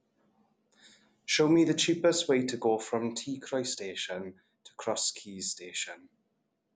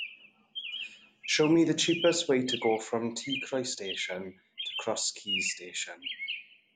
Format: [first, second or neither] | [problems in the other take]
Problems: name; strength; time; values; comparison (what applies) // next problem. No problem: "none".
first | background sound (Chirp, tweet); 8 dB below the speech